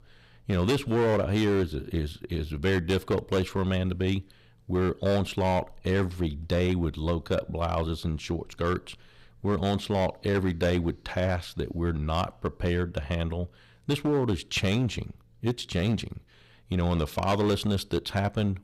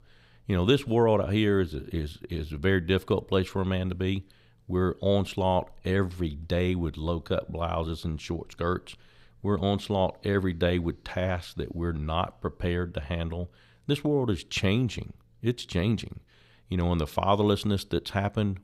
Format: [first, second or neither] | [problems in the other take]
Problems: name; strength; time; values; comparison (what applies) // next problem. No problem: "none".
second | distortion; slight; 7% of the sound clipped